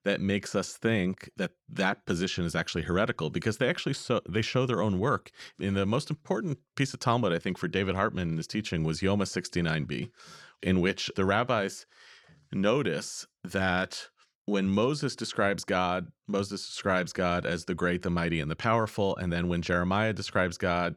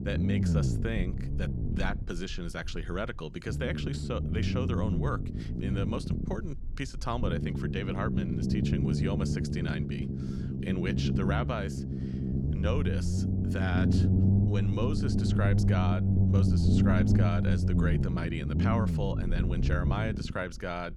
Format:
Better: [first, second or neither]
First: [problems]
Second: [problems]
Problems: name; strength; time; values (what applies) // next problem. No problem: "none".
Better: first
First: none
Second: low rumble; loud; throughout; 2 dB below the speech